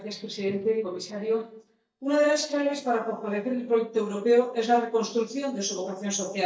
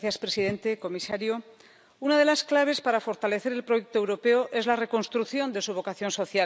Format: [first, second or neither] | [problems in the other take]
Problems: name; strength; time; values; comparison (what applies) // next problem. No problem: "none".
second | noise reduction (neural mask model DeepFilterNet 3)